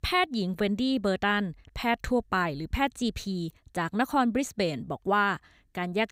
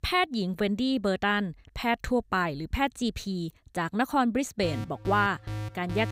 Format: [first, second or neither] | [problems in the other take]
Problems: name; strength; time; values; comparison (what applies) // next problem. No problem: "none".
first | alarm; noticeable; from 4.5 s on; peak 8 dB below the speech